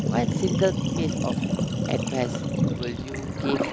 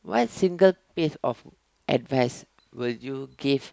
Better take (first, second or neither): second